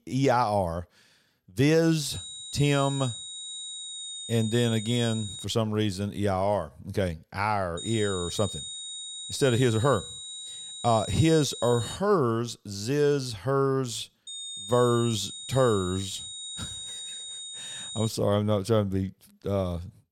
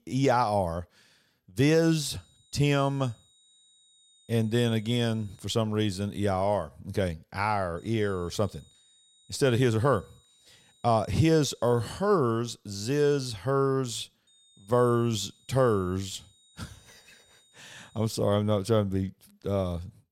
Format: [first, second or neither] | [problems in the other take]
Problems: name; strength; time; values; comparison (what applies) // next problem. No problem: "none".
second | high-pitched whine; loud; from 2 to 5.5 s, from 8 to 12 s and from 14 to 18 s; 4 kHz, 9 dB below the speech; faint in the second